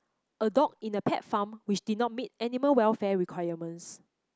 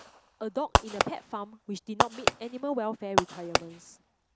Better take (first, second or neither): first